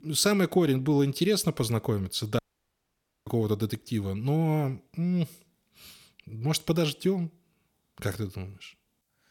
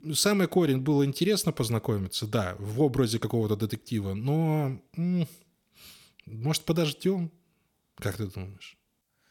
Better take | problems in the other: second | audio cutting out; at 2.5 s for 1 s

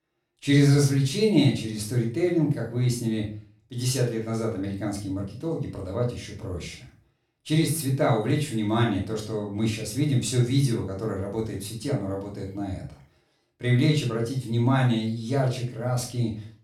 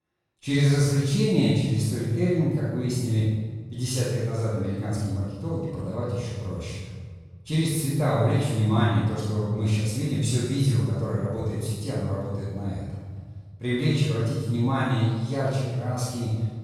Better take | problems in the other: first | room echo; strong; dies away in 1.8 s; slight in the first // off-mic speech; far; far in the first

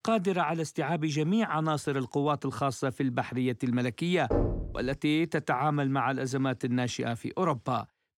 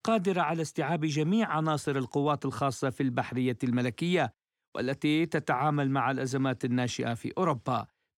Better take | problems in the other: second | door banging; noticeable; at 4.5 s; peak level with the speech

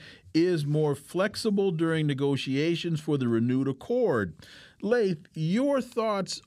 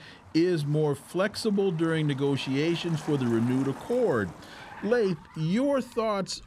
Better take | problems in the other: first | traffic noise; noticeable; throughout; 20 dB below the speech

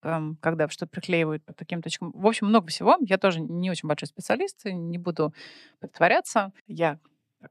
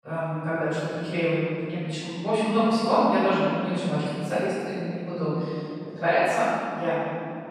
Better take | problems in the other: first | room echo; strong; dies away in 2.3 s // off-mic speech; far

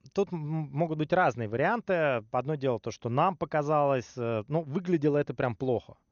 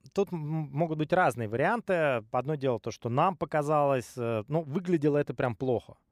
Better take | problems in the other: second | garbled, watery; slightly; nothing above 6.5 kHz

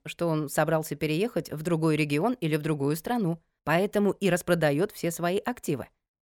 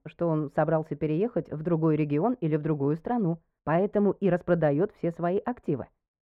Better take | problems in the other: first | muffled; very; fading above 3.5 kHz

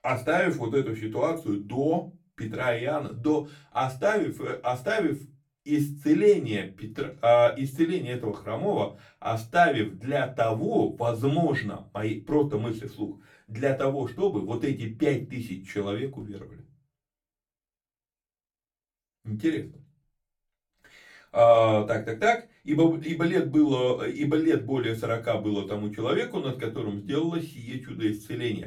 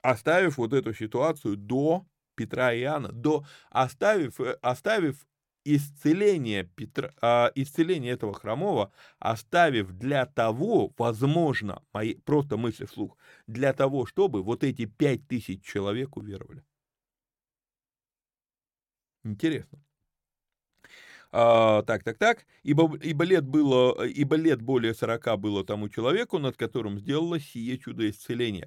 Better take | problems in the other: second | off-mic speech; far // room echo; very slight; dies away in 0.2 s

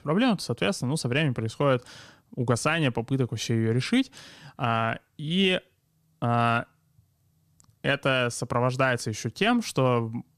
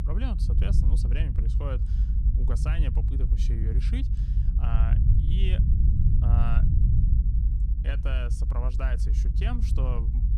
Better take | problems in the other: first | low rumble; loud; throughout; 2 dB below the speech

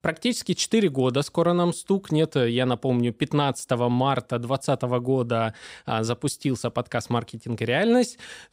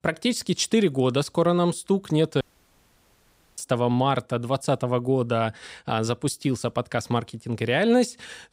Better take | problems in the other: first | audio cutting out; at 2.5 s for 1 s

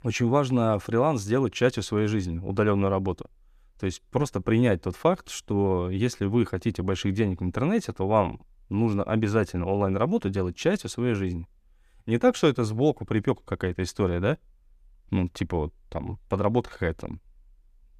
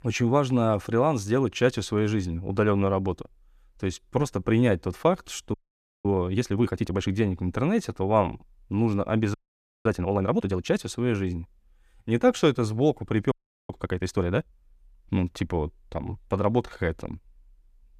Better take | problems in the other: first | audio freezing; at 5.5 s for 0.5 s, at 9.5 s for 0.5 s and at 13 s

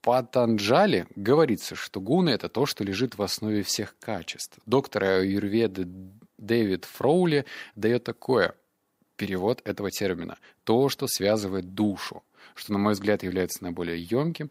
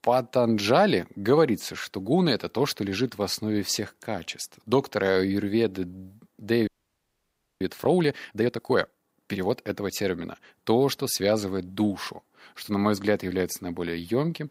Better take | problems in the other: first | audio freezing; at 6.5 s for 1 s

